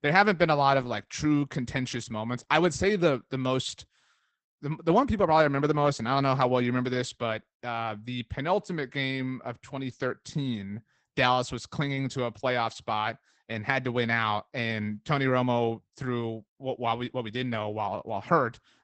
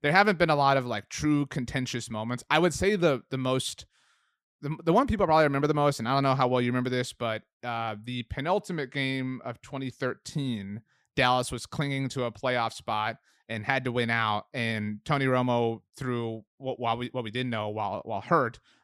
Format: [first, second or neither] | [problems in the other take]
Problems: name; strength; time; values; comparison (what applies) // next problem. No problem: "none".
second | garbled, watery; badly; nothing above 8 kHz